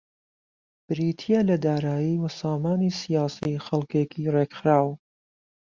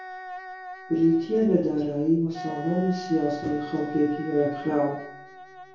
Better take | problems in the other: first | background sound (Wind instrument, woodwind instrument); 13 dB below the speech // room echo; dies away in 0.6 s

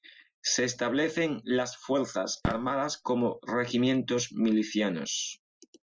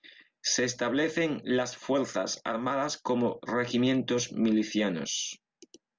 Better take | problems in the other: second | noise reduction (classical method Wiener filter)

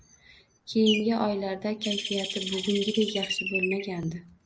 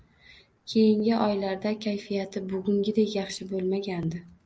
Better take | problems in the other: second | background sound (Bird); 6 dB below the speech

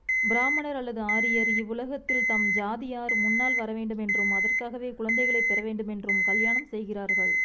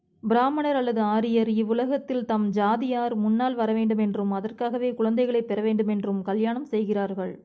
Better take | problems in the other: second | background sound (Alarm); 5 dB above the speech

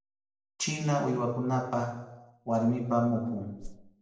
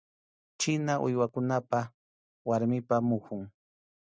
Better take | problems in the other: second | noise reduction (neural separator model SepFormer DNS4)

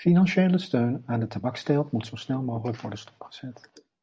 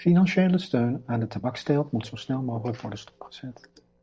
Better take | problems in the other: first | noise reduction (neural separator model SepFormer DNS4)

